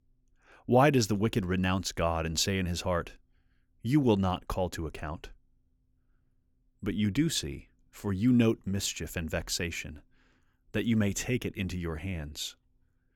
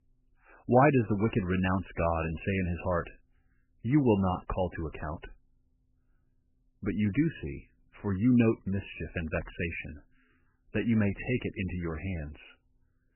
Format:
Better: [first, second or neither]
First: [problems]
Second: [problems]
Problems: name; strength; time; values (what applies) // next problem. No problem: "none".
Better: first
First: none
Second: garbled, watery; badly; nothing above 3 kHz